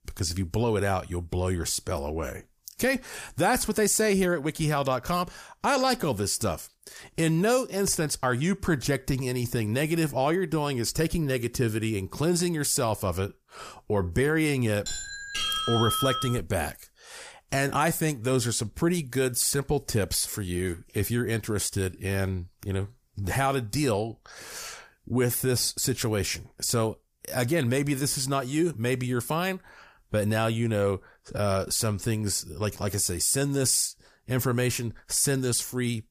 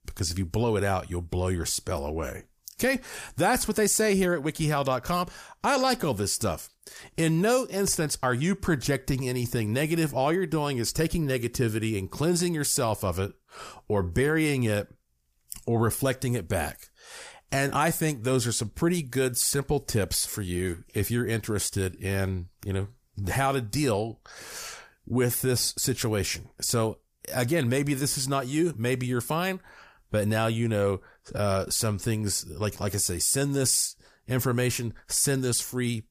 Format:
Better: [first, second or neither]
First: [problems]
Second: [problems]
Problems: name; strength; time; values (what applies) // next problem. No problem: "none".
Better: second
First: doorbell; loud; from 15 to 16 s; peak level with the speech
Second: none